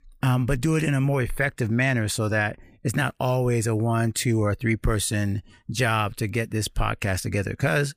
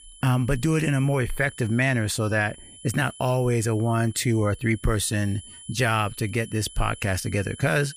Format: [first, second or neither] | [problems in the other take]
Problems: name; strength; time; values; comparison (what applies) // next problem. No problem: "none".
first | high-pitched whine; noticeable; throughout; 10 kHz, 20 dB below the speech